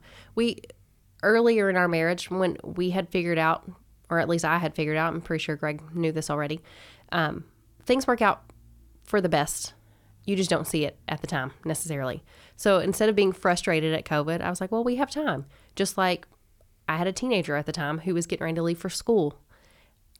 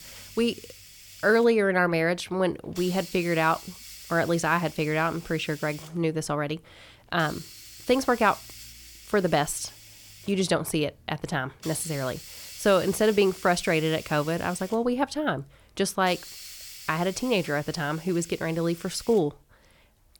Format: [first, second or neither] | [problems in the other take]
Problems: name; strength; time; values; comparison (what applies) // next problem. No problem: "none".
first | hiss; noticeable; throughout; 15 dB below the speech